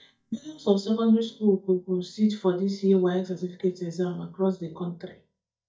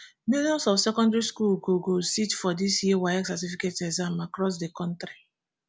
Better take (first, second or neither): second